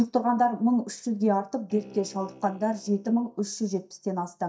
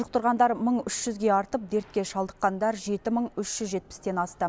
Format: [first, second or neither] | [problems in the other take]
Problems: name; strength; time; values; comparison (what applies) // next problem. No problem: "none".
second | noise reduction (neural mask model DeepFilterNet 3)